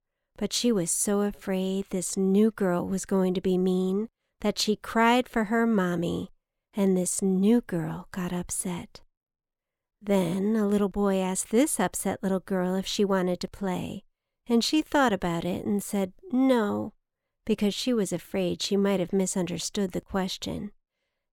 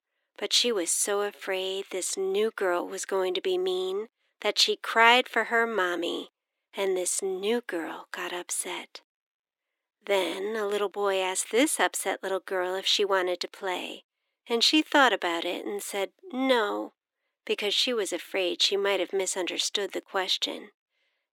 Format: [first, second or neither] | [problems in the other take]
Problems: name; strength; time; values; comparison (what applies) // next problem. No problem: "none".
first | thin; very; fading below 300 Hz